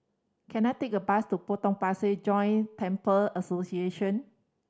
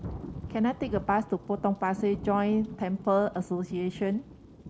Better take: first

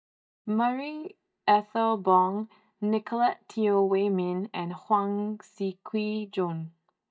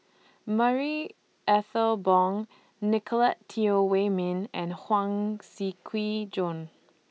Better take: second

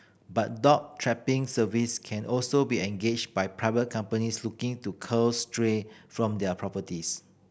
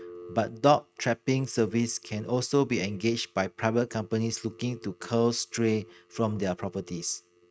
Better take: first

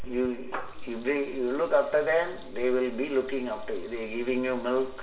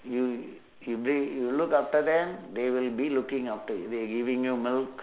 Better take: second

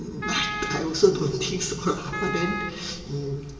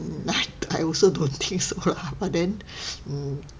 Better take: second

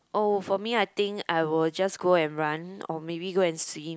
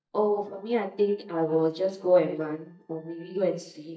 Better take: first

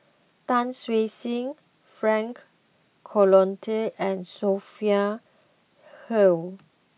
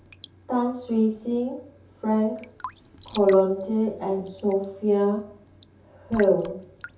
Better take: first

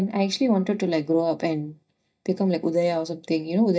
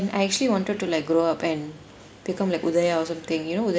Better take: second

